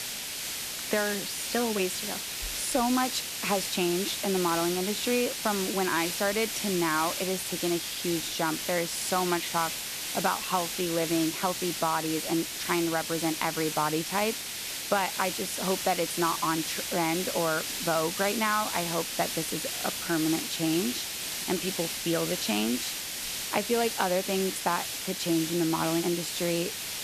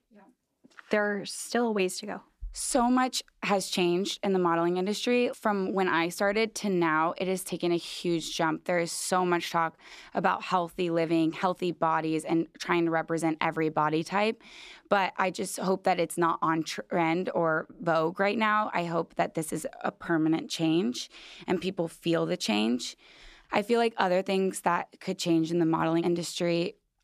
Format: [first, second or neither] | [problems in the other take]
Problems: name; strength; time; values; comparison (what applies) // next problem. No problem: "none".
second | hiss; loud; throughout; 2 dB below the speech